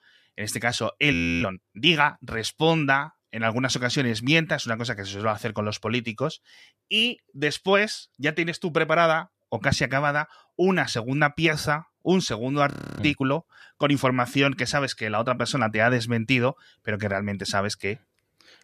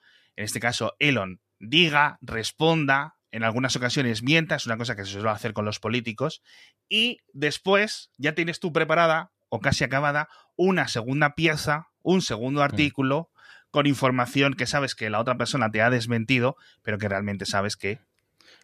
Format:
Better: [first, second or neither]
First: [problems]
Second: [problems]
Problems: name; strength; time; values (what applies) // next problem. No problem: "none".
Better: second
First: audio freezing; at 1 s and at 13 s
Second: none